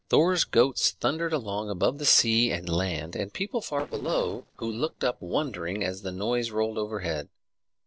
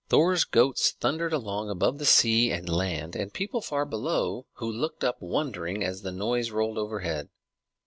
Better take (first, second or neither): second